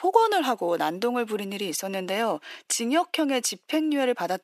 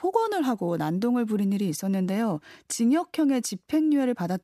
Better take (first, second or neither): second